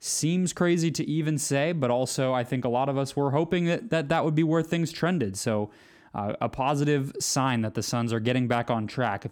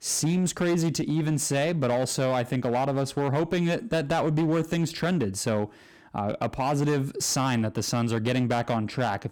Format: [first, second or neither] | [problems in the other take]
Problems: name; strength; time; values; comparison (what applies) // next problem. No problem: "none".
first | distortion; slight; 14% of the sound clipped